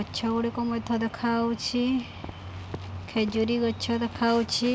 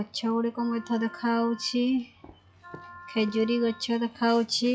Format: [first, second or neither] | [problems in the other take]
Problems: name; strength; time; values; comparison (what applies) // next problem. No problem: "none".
first | noise reduction (classical method log-MMSE)